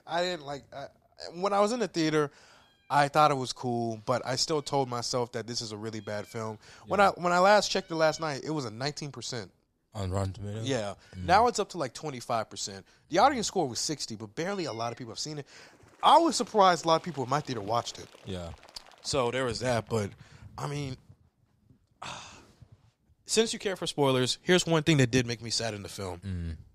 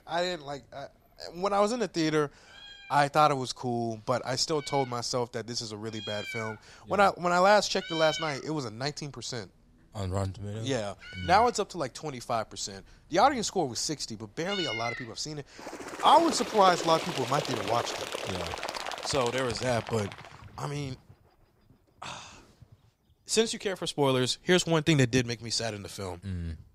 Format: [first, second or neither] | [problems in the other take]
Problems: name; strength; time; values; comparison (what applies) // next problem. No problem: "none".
first | animal sounds; loud; throughout; 8 dB below the speech; faint in the first